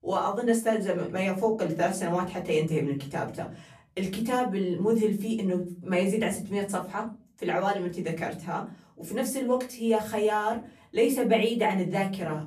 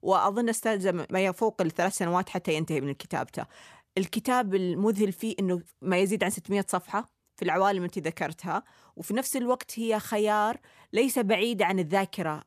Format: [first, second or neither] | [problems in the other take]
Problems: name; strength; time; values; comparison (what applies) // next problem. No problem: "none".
second | off-mic speech; far // room echo; very slight; dies away in 0.5 s